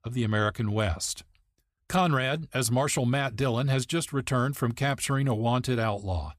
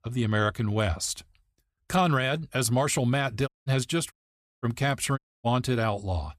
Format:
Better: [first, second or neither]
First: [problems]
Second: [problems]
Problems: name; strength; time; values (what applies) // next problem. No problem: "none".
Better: first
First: none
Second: audio cutting out; at 3.5 s, at 4 s for 0.5 s and at 5 s